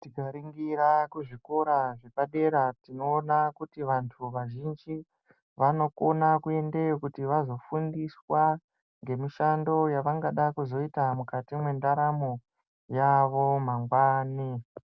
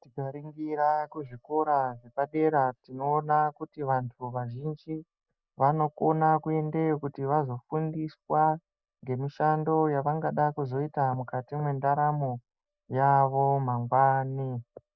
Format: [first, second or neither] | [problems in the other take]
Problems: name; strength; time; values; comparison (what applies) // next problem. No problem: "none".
first | noise reduction (neural mask model DeepFilterNet 3)